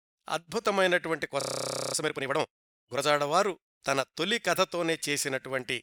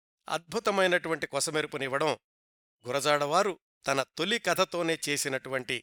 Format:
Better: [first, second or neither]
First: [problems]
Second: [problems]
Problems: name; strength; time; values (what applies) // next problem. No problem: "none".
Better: second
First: audio freezing; at 1.5 s for 0.5 s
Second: none